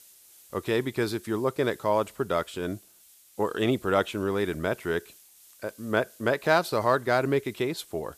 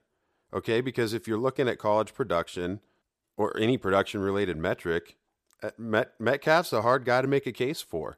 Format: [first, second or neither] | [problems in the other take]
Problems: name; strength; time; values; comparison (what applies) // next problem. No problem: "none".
second | hiss; faint; throughout; 25 dB below the speech